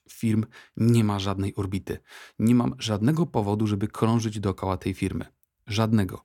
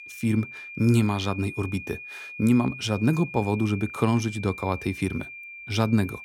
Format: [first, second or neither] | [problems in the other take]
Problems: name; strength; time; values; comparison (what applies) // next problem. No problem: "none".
first | high-pitched whine; noticeable; throughout; 2.5 kHz, 10 dB below the speech